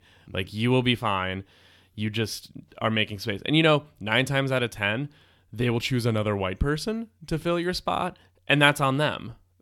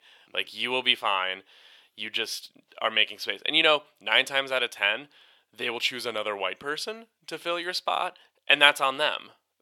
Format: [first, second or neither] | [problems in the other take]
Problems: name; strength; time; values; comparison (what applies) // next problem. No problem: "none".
first | thin; very; fading below 600 Hz